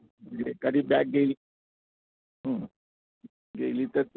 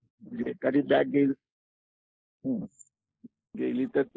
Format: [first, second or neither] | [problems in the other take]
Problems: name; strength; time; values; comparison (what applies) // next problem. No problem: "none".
first | noise reduction (neural mask model Resemble Enhance denoiser)